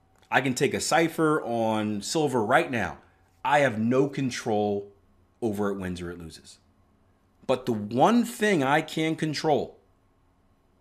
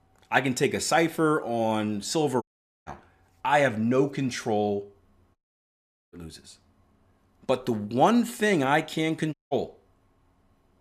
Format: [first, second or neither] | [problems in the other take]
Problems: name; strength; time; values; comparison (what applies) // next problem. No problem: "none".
first | audio cutting out; at 2.5 s, at 5.5 s for 1 s and at 9.5 s